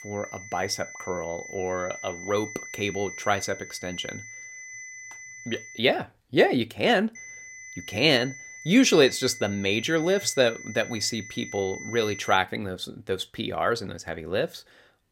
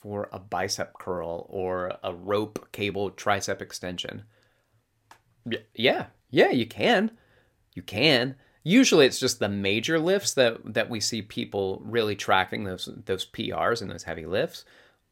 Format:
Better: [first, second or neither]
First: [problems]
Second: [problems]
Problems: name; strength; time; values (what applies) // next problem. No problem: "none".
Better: second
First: high-pitched whine; noticeable; until 6 s and from 7 to 12 s; 2 kHz, 15 dB below the speech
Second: none